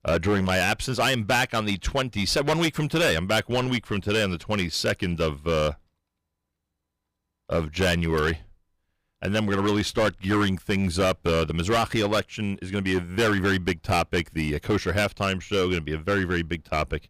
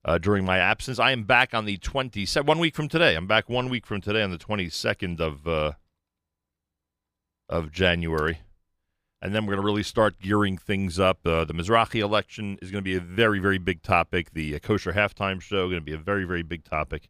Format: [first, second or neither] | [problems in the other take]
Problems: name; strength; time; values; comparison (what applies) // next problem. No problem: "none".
second | distortion; heavy; 10% of the sound clipped